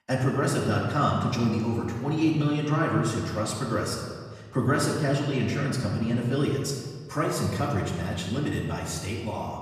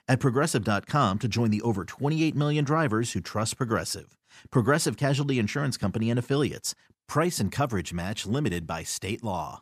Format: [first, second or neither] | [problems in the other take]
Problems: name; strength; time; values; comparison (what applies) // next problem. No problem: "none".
second | off-mic speech; far // room echo; noticeable; dies away in 1.5 s